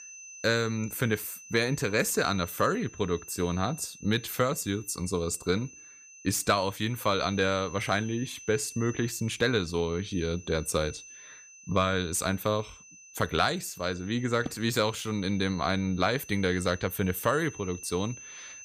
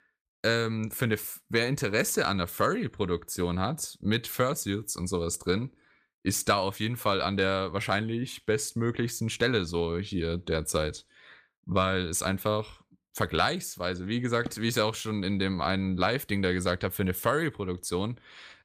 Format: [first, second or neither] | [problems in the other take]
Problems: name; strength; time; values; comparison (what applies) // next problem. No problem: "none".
second | high-pitched whine; noticeable; throughout; 6 kHz, 15 dB below the speech